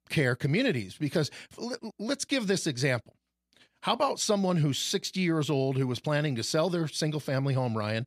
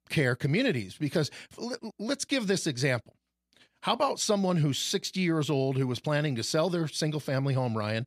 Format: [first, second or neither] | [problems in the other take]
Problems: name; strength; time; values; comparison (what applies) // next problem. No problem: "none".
neither | none